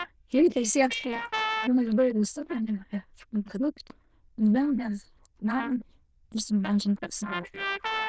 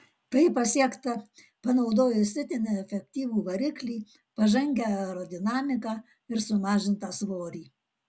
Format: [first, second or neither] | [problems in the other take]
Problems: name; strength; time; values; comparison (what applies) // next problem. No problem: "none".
second | noise reduction (neural diffusion model UNIVERSE++)